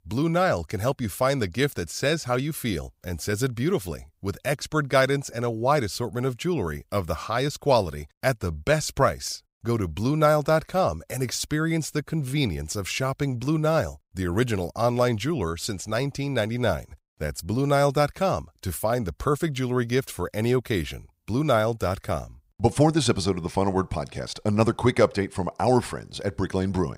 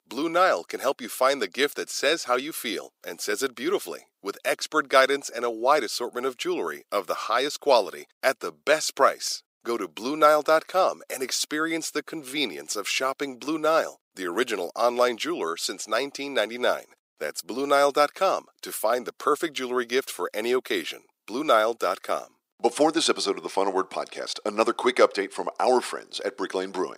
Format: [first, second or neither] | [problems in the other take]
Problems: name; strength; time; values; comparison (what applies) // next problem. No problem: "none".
first | thin; somewhat; fading below 300 Hz